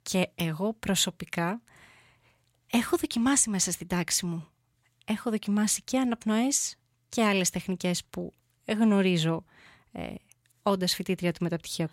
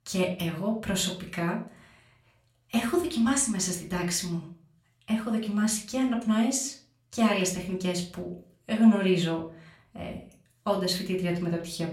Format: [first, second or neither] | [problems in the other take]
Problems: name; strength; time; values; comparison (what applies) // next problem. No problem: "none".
first | room echo; slight; dies away in 0.4 s // off-mic speech; far